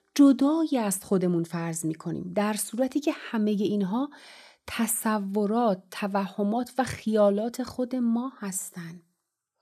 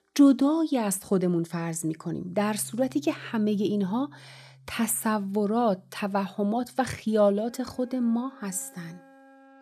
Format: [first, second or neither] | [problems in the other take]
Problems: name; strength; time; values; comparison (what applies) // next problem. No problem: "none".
first | background music; faint; from 2.5 s on; 25 dB below the speech